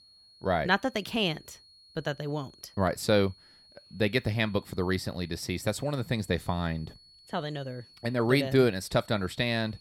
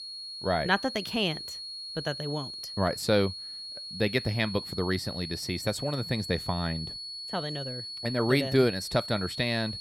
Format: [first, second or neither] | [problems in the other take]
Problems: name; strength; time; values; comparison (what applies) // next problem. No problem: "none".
first | high-pitched whine; loud; throughout; 4.5 kHz, 7 dB below the speech; faint in the first